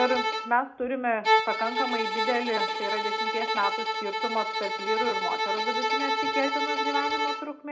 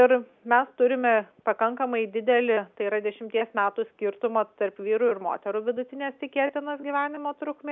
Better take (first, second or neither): second